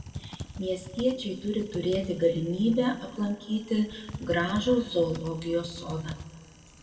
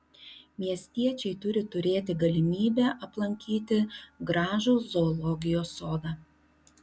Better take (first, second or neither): second